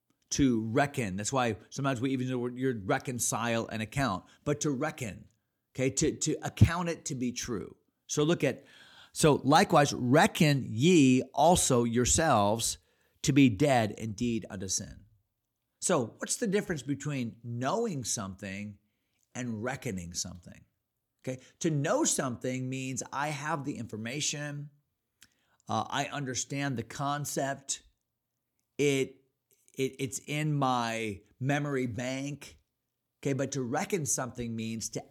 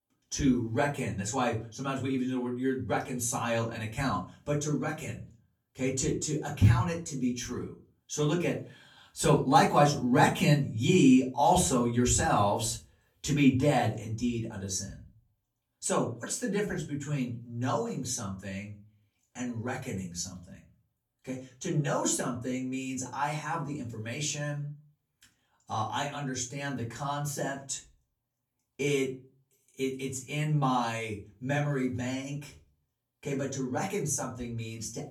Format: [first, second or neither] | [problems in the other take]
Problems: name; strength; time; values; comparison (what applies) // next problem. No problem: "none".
first | off-mic speech; far // room echo; very slight; dies away in 0.3 s